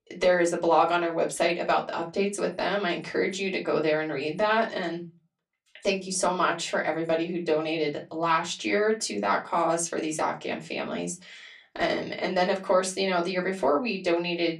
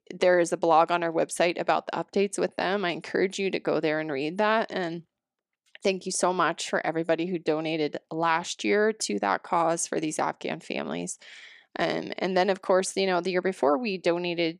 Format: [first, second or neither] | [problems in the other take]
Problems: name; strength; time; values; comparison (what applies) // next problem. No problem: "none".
second | off-mic speech; far // room echo; very slight; dies away in 0.2 s